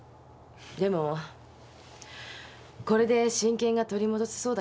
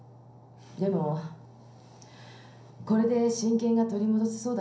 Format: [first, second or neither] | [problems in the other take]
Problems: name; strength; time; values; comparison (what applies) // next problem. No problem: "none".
first | room echo; dies away in 0.6 s